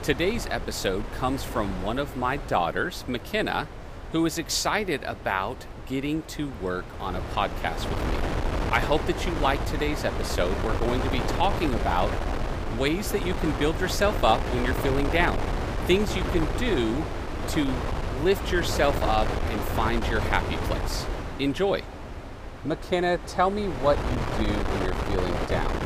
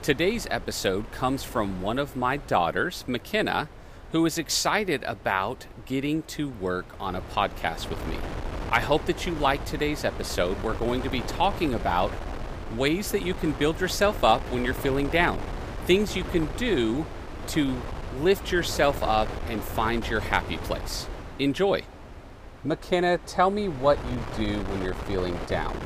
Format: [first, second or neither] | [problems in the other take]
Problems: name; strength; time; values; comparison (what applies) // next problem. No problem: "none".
second | wind noise on the microphone; heavy; 6 dB below the speech; occasional gusts in the second